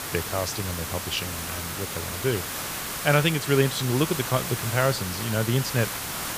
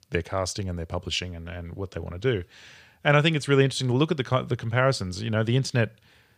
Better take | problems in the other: second | hiss; loud; throughout; 4 dB below the speech

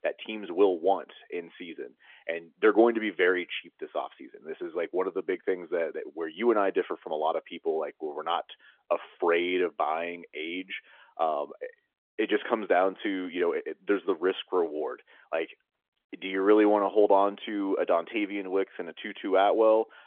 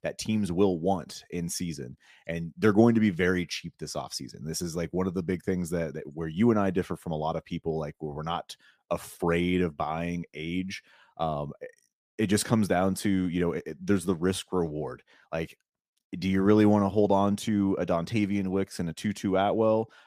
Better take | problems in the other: second | phone-call audio; nothing above 3.5 kHz

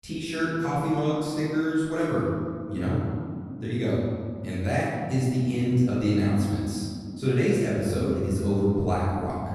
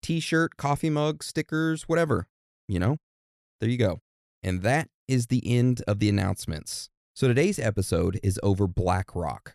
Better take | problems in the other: second | room echo; strong; dies away in 2.3 s // off-mic speech; far

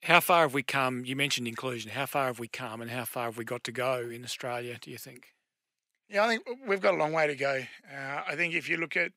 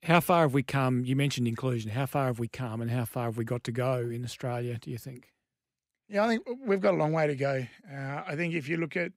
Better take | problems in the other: second | thin; somewhat; fading below 800 Hz

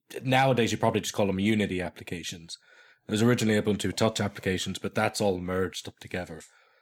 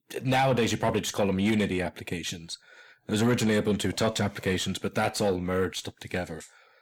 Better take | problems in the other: first | distortion; slight; 10 dB below the speech

